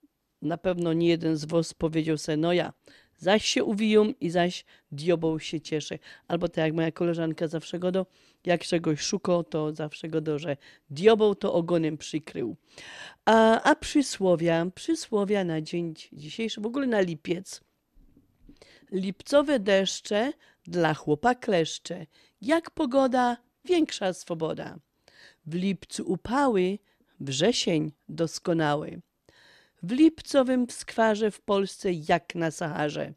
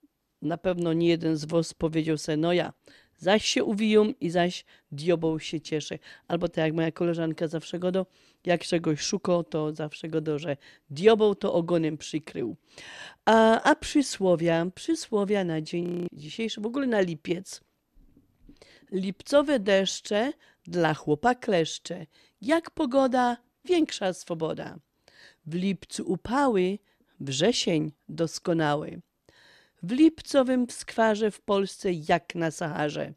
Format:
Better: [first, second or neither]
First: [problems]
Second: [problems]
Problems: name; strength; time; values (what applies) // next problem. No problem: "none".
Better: first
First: none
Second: audio freezing; at 16 s